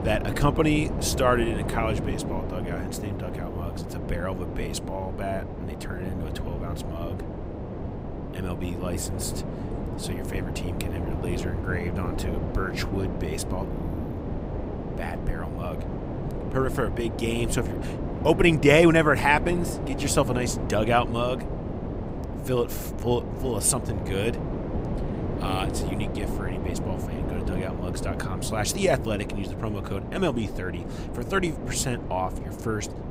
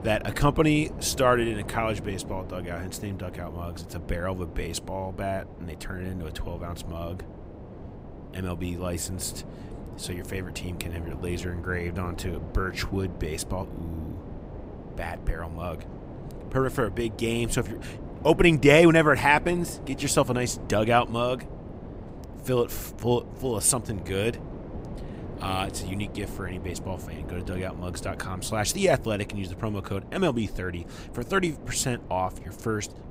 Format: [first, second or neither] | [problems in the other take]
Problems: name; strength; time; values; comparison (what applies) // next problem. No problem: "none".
second | wind noise on the microphone; heavy; 9 dB below the speech; occasional gusts in the second